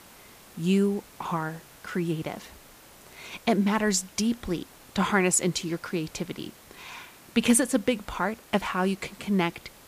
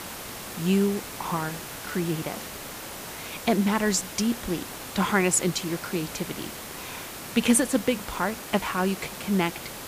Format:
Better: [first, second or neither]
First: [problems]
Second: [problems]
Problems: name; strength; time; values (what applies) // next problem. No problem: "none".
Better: first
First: hiss; faint; throughout; 25 dB below the speech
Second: hiss; loud; throughout; 10 dB below the speech